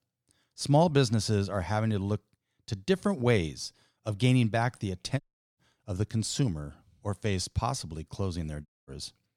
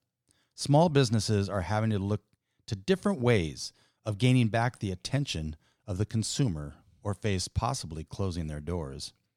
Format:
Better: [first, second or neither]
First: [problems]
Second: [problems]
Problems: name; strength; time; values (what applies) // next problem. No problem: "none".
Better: second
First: audio cutting out; at 5 s and at 8.5 s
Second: none